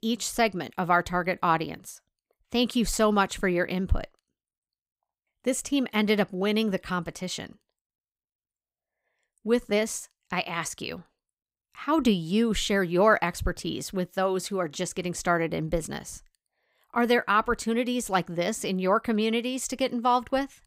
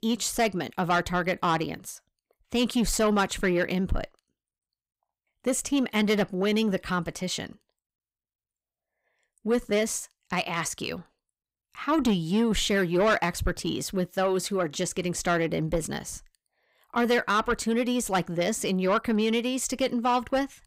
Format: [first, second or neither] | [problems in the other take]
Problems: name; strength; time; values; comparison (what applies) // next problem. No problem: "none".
first | distortion; slight; 10 dB below the speech